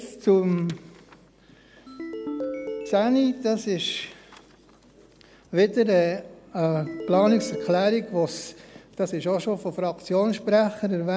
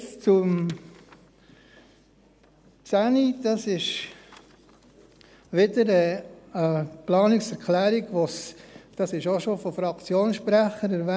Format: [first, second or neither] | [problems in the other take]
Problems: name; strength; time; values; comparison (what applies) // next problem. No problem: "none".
second | background sound (Ringtone); 9 dB below the speech